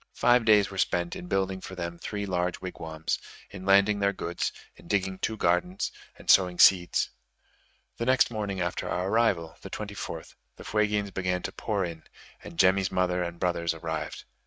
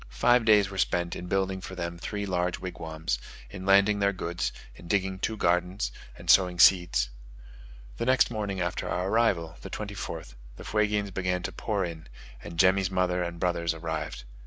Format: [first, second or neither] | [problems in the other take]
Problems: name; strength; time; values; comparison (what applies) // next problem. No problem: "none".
second | noise reduction (neural mask model RNNoise)